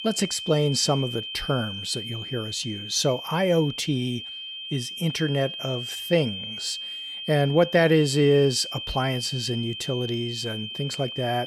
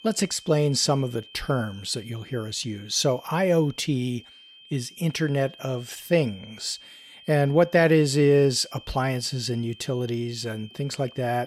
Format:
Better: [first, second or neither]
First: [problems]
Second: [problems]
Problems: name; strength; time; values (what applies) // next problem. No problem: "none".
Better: second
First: high-pitched whine; loud; throughout; 3 kHz, 8 dB below the speech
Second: high-pitched whine; faint; throughout; 3 kHz, 20 dB below the speech